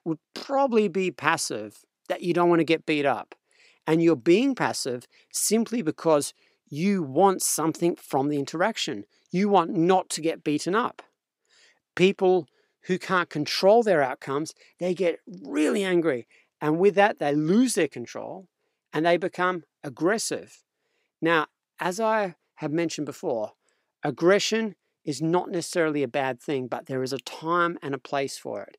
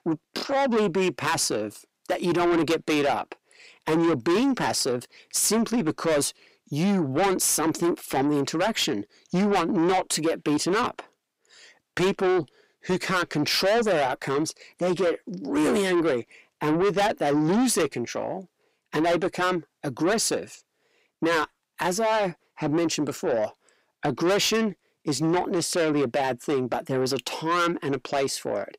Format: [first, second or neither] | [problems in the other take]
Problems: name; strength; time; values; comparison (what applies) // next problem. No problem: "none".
first | distortion; heavy; 6 dB below the speech